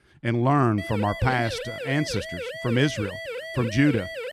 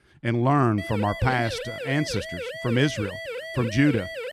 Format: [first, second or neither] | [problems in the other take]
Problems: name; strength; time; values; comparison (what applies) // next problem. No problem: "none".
neither | siren; noticeable; from 1 s on; peak 8 dB below the speech; the same in both